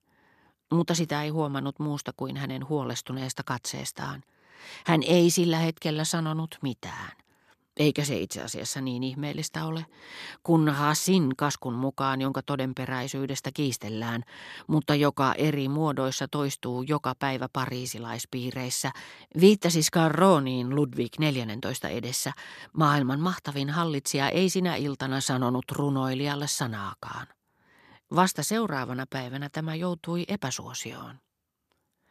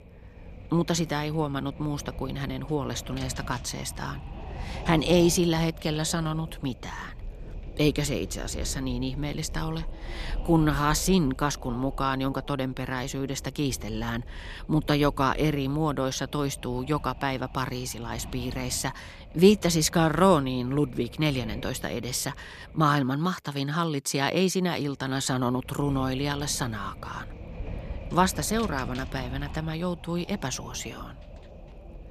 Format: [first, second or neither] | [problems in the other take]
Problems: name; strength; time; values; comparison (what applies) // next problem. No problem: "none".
first | wind noise on the microphone; occasional gusts; 20 dB below the speech